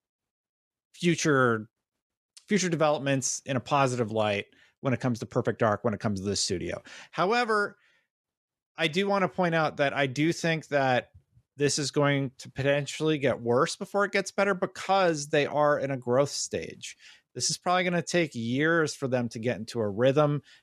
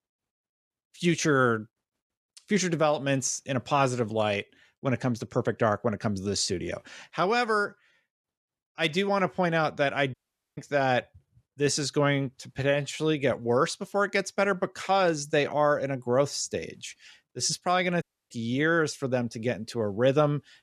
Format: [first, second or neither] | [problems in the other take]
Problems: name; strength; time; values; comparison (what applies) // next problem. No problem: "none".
first | audio cutting out; at 10 s and at 18 s